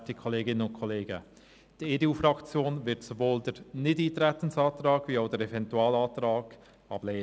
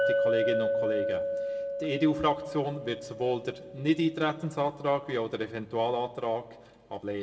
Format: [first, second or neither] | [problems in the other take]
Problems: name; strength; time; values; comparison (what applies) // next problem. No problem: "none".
first | background sound (Chink, clink); 2 dB below the speech // room echo; dies away in 0.8 s